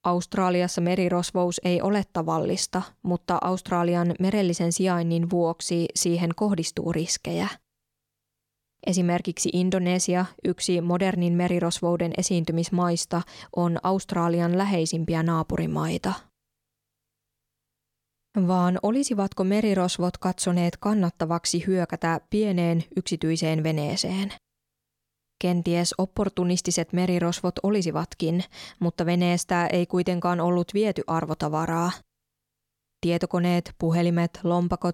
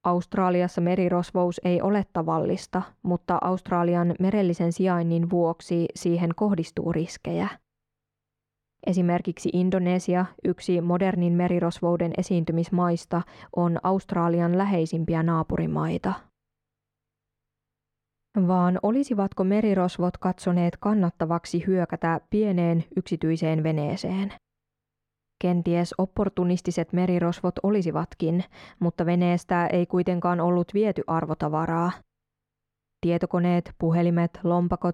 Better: first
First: none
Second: muffled; slightly; fading above 3 kHz

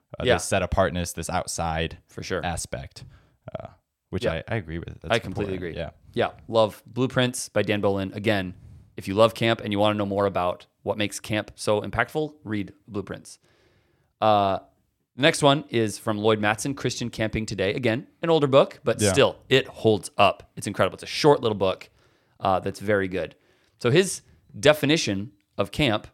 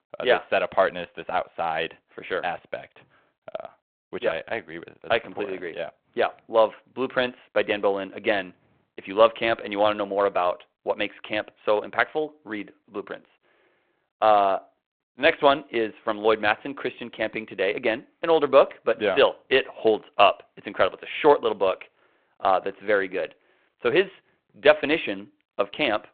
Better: first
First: none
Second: phone-call audio; nothing above 3.5 kHz

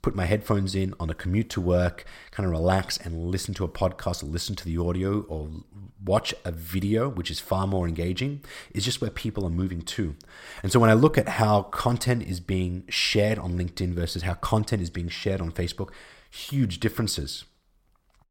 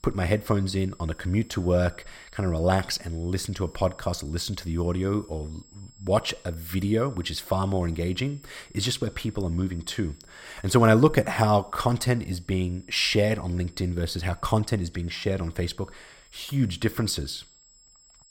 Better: first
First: none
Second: high-pitched whine; faint; throughout; 7.5 kHz, 30 dB below the speech

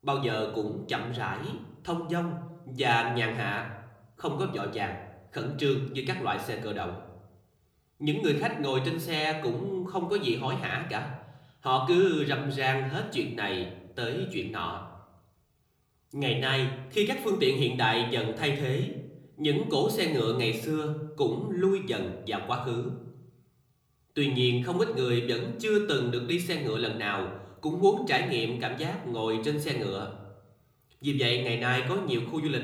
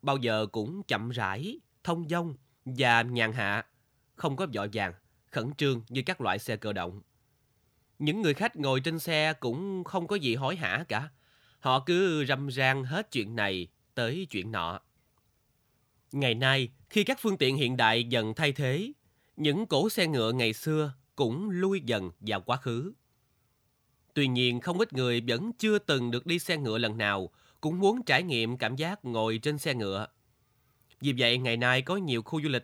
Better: second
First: room echo; slight; dies away in 0.7 s // off-mic speech; somewhat distant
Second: none

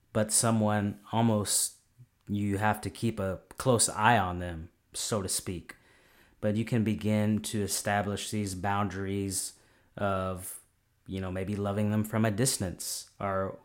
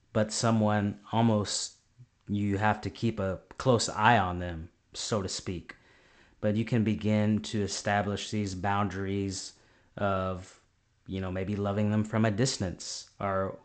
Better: first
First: none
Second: garbled, watery; slightly; nothing above 8 kHz

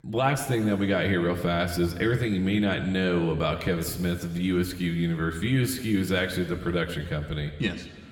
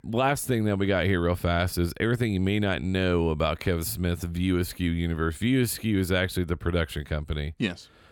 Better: second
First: room echo; slight; dies away in 1.7 s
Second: none

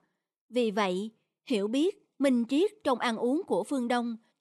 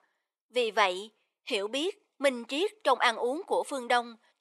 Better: first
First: none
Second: thin; somewhat; fading below 650 Hz

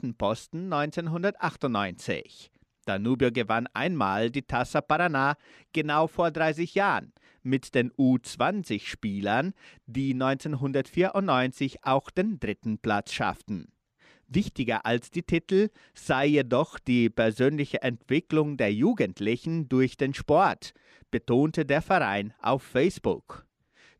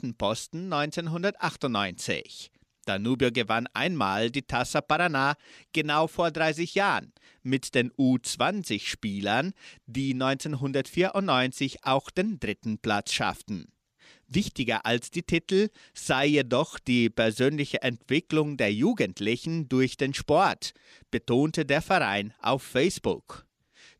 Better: second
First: muffled; slightly; fading above 2.5 kHz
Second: none

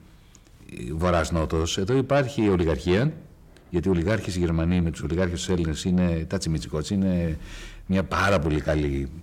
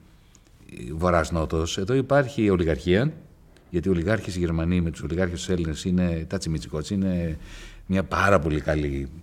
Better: second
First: distortion; slight; 10 dB below the speech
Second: none

